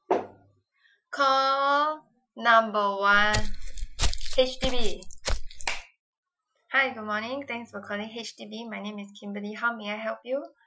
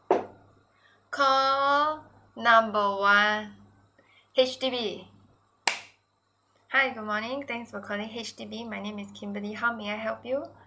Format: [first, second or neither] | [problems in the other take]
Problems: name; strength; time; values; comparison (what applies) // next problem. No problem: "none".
second | noise reduction (classical method Wiener filter)